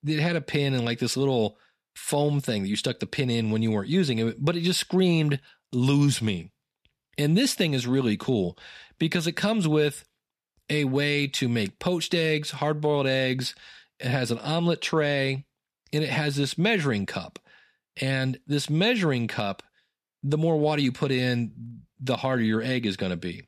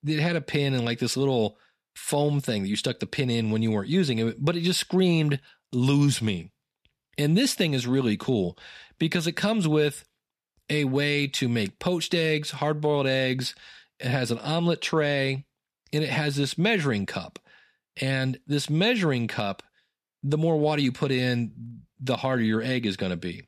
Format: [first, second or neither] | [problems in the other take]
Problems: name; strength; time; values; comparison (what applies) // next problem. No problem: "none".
neither | none